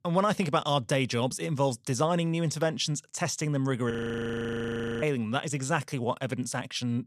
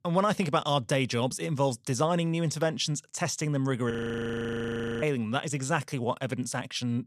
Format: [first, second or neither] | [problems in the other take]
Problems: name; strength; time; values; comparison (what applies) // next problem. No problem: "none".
neither | audio freezing; at 4 s for 1 s; the same in both